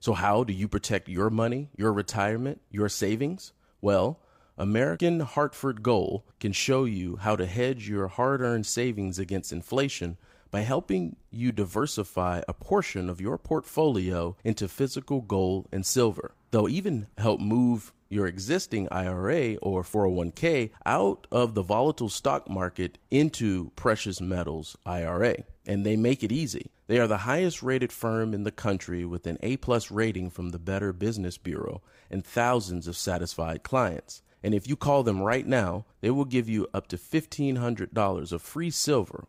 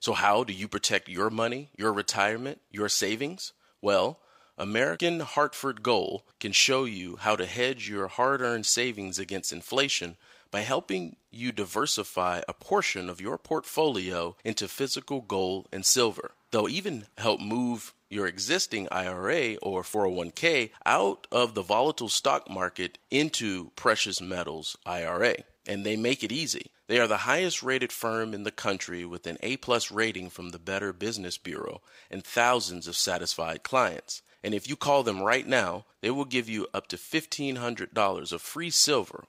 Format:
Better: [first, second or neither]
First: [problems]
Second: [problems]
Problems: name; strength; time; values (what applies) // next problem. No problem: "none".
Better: first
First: none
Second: thin; somewhat; fading below 600 Hz